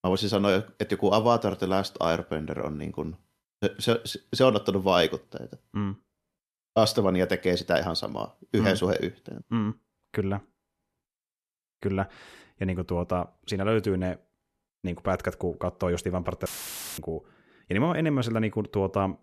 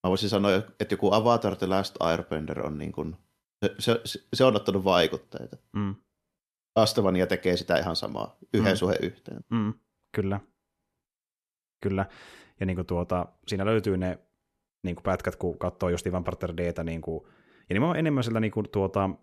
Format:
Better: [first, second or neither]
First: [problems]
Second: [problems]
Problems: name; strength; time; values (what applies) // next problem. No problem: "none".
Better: second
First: audio cutting out; filled with static; at 16 s for 0.5 s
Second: none